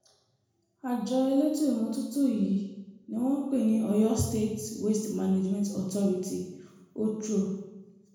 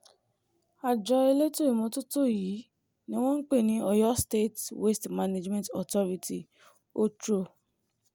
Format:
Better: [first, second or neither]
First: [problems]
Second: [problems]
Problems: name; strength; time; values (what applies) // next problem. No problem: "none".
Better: second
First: room echo; dies away in 1 s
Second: none